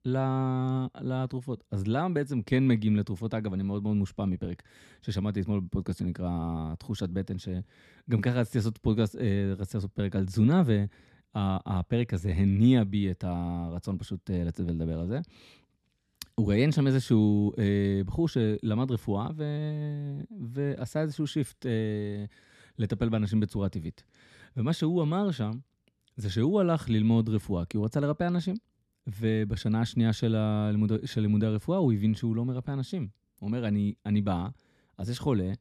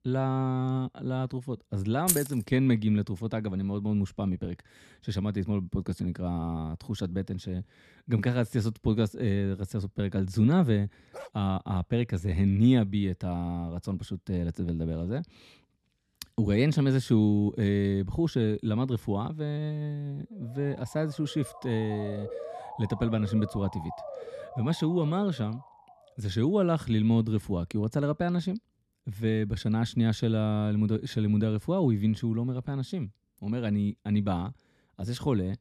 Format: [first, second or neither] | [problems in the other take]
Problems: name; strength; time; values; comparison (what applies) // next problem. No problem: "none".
first | jangling keys; loud; at 2 s; peak 2 dB above the speech // dog barking; faint; at 11 s; peak 15 dB below the speech // siren; noticeable; from 20 to 26 s; peak 10 dB below the speech